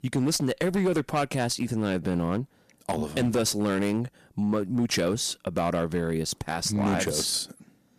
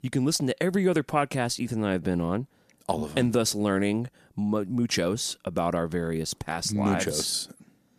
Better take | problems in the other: second | distortion; slight; 8% of the sound clipped

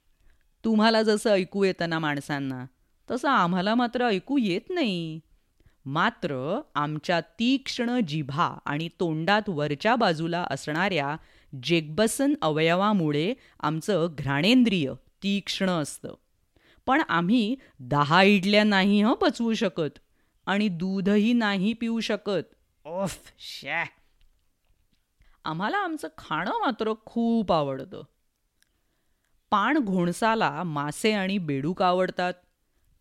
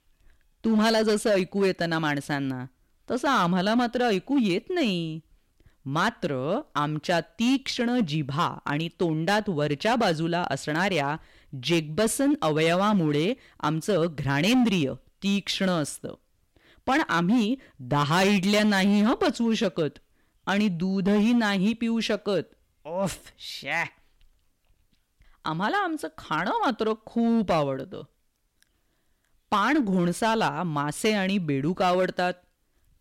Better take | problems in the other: first | distortion; slight; 6% of the sound clipped

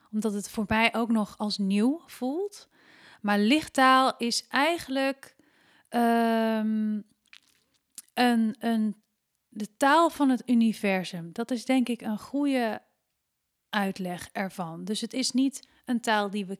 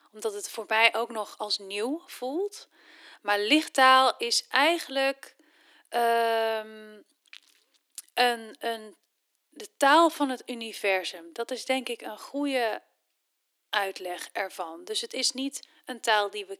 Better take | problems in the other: first | thin; somewhat; fading below 300 Hz

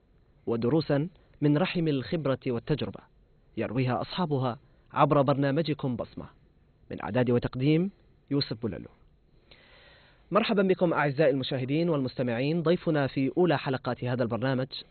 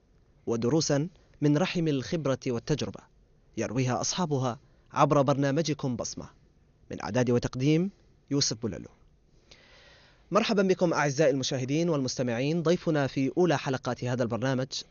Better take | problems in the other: second | garbled, watery; badly; nothing above 4 kHz; slightly in the second

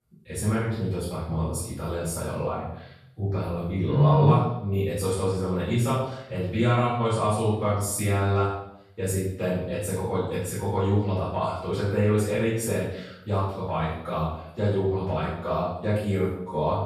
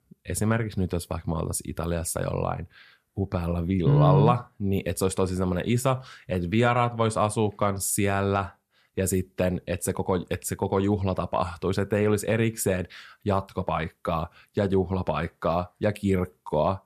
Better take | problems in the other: second | off-mic speech; far // room echo; noticeable; dies away in 0.7 s

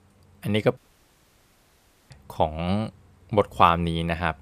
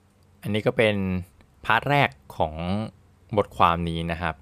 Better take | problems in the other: second | audio cutting out; at 1 s for 1.5 s

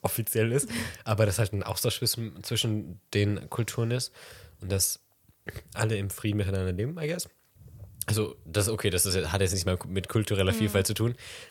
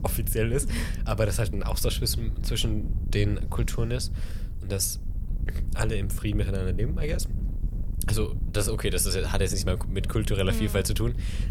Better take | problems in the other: first | wind noise on the microphone; occasional gusts; 15 dB below the speech

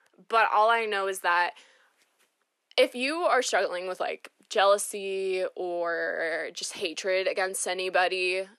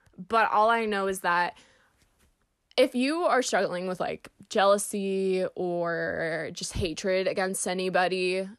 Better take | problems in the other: second | thin; somewhat; fading below 350 Hz

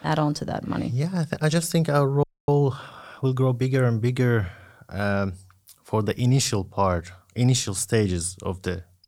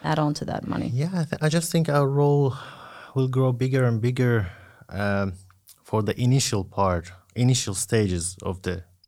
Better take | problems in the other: second | audio freezing; at 2 s

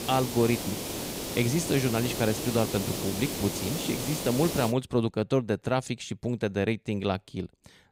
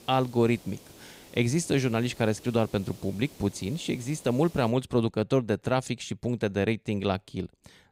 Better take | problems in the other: second | hiss; loud; until 4.5 s; 4 dB below the speech; faint in the second

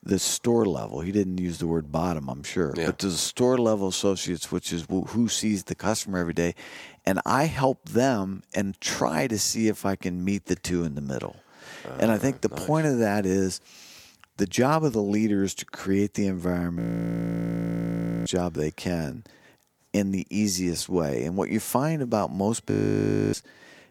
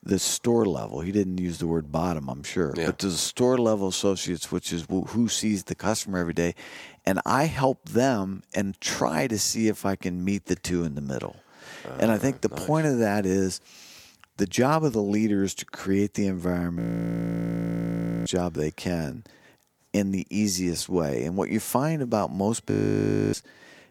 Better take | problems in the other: neither | audio freezing; at 17 s for 1.5 s and at 23 s for 0.5 s; the same in both

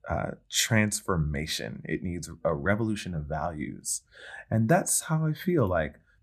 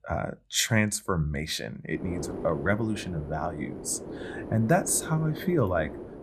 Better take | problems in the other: first | wind noise on the microphone; occasional gusts; from 2 s on; 10 dB below the speech

